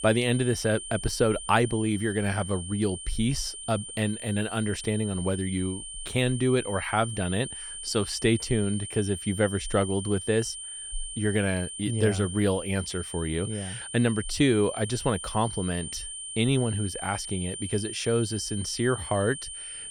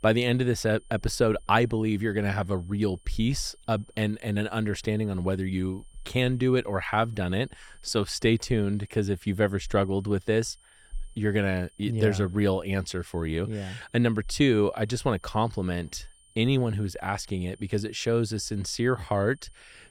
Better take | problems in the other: second | high-pitched whine; loud; throughout; 9 kHz, 8 dB below the speech; faint in the second

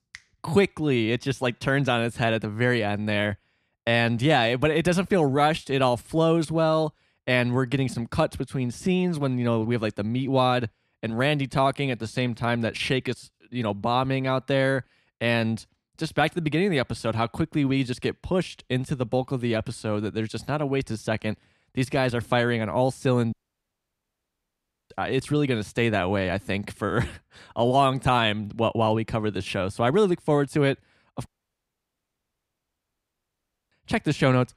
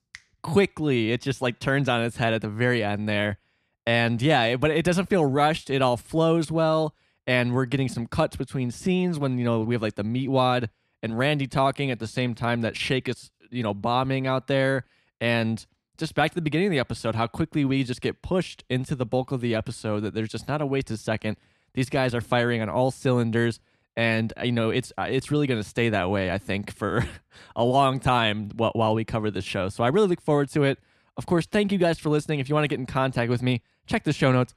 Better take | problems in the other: second | audio cutting out; at 23 s for 1.5 s and at 31 s for 2.5 s

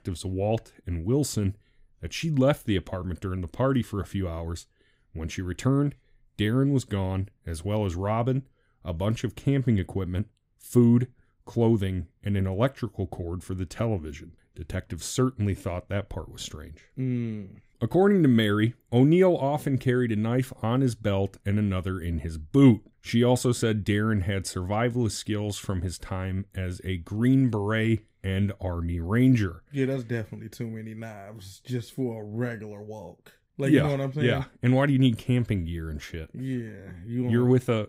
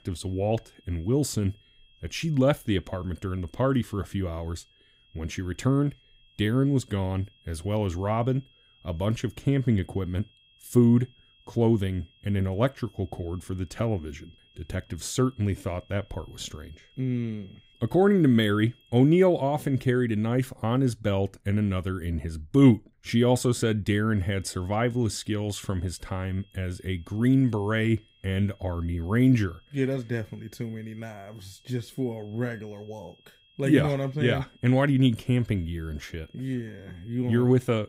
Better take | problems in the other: first | high-pitched whine; faint; until 20 s and from 24 s on; 3.5 kHz, 30 dB below the speech

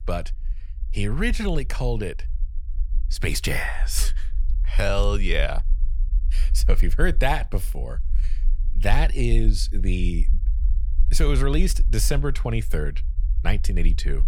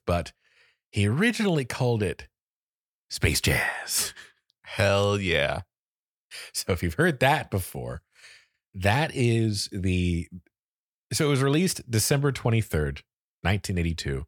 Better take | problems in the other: second | low rumble; faint; throughout; 20 dB below the speech

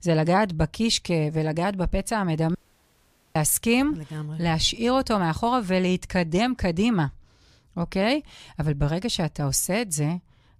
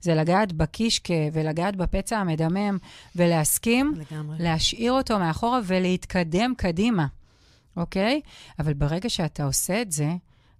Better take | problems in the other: second | audio cutting out; at 2.5 s for 1 s

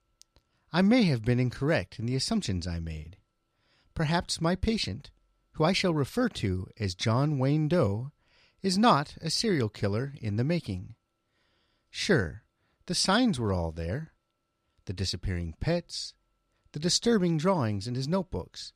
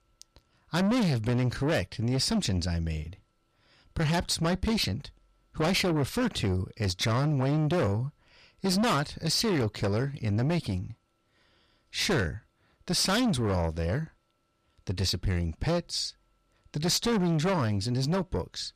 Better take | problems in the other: first | distortion; heavy; 6 dB below the speech

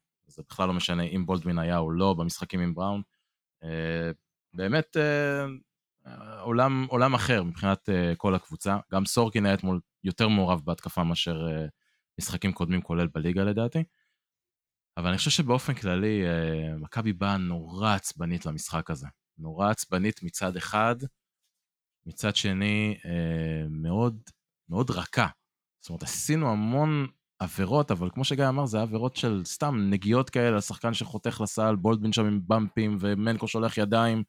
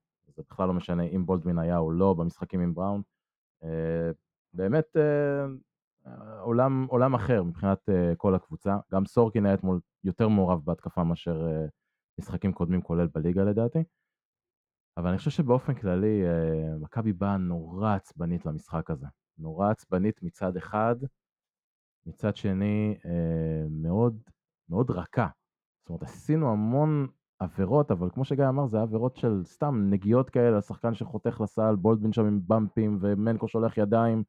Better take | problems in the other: first | muffled; very; fading above 2 kHz

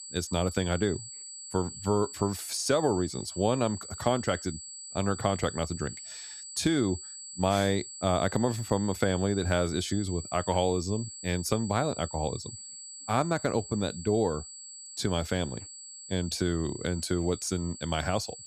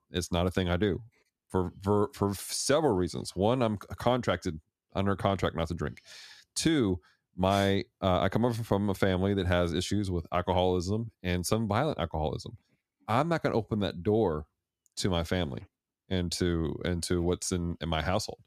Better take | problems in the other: second | high-pitched whine; noticeable; throughout; 7.5 kHz, 10 dB below the speech

